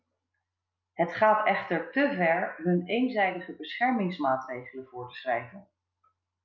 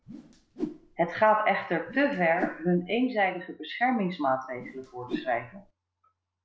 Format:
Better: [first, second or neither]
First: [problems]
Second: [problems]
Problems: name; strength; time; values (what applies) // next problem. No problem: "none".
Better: first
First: none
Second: background sound (Whoosh, swoosh, swish); 11 dB below the speech